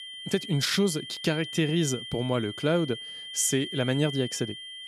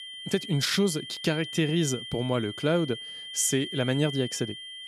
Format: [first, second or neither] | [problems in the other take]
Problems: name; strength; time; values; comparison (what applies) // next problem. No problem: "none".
neither | high-pitched whine; loud; throughout; 3 kHz, 9 dB below the speech; the same in both